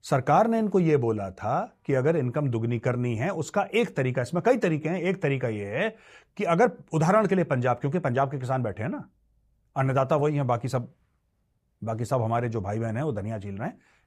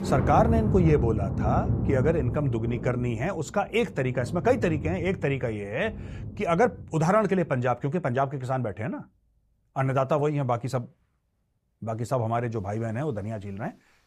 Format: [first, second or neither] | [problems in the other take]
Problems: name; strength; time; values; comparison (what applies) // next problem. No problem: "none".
first | rain or running water; loud; throughout; 4 dB below the speech